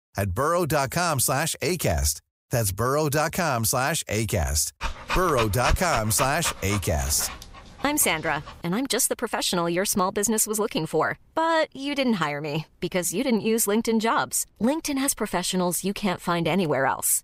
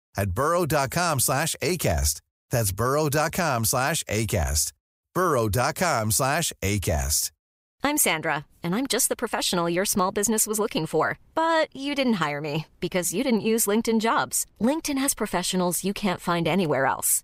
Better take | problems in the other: second | dog barking; noticeable; from 5 to 7.5 s; peak 3 dB below the speech

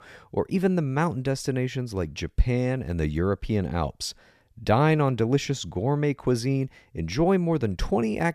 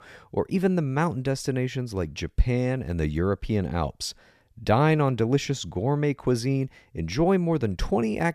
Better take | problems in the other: neither | none

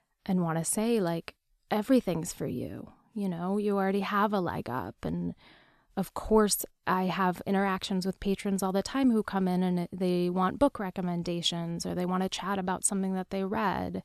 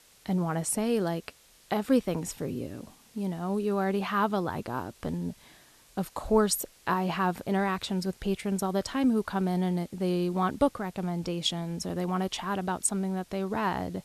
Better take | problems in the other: first | hiss; faint; throughout; 25 dB below the speech

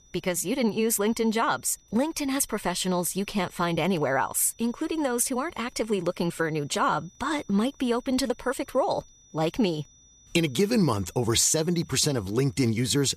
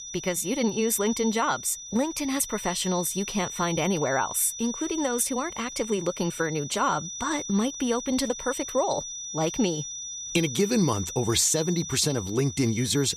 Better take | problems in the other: first | high-pitched whine; loud; throughout; 6 kHz, 8 dB below the speech; faint in the first

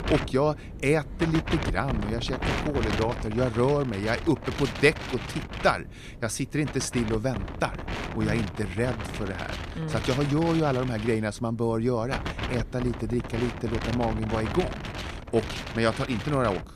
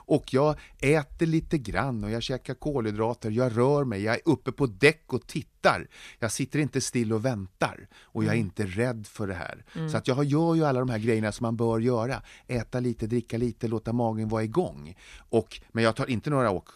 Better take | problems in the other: second | wind noise on the microphone; heavy; 6 dB below the speech

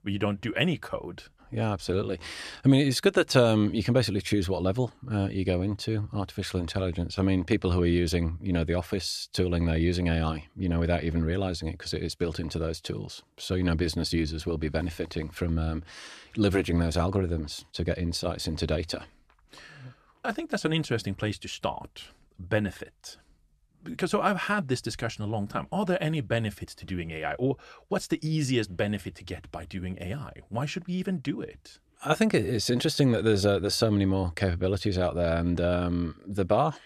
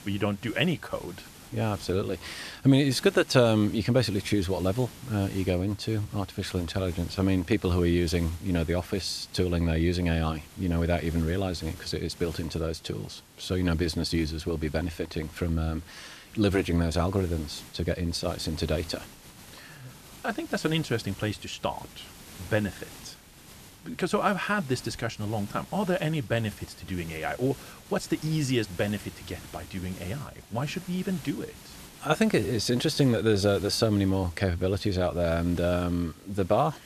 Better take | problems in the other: first | hiss; noticeable; throughout; 20 dB below the speech

